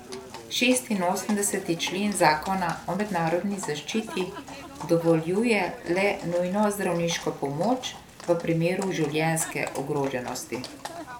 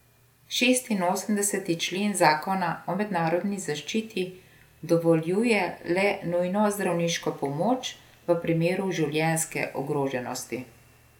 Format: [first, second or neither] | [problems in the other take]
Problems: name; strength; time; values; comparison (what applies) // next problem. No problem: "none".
second | background sound (Livestock, farm animals, working animals); 14 dB below the speech